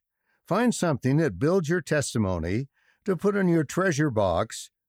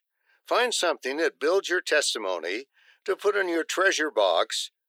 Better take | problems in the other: first | thin; very; fading below 350 Hz

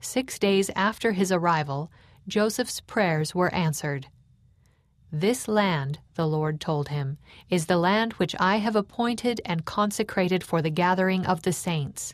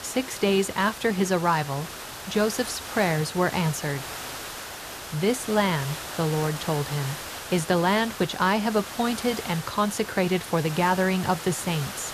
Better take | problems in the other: first | hiss; loud; throughout; 10 dB below the speech

